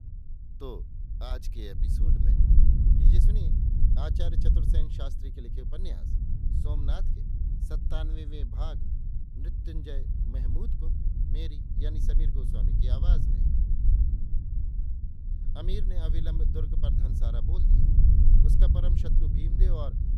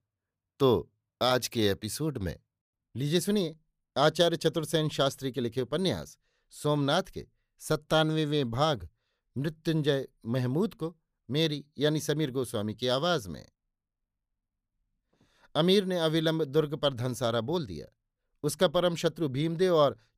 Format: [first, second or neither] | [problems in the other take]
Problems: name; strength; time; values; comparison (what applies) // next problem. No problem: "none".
second | wind noise on the microphone; heavy; 1 dB below the speech